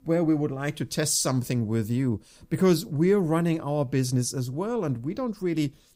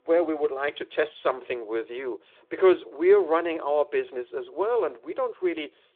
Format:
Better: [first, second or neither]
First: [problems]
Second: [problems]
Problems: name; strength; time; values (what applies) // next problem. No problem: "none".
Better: first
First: none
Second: phone-call audio; nothing above 3.5 kHz